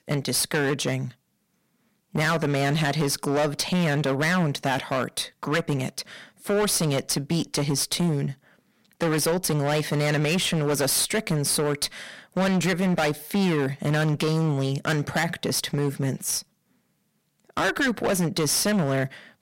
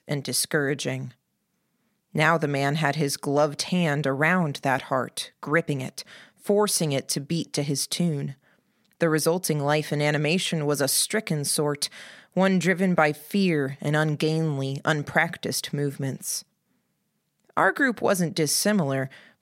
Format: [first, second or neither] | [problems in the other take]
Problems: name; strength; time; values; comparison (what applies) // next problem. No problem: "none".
second | distortion; heavy; 19% of the sound clipped